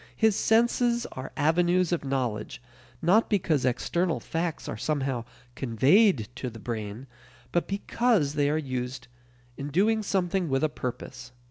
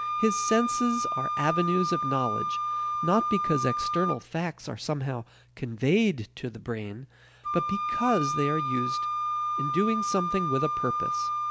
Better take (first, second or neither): first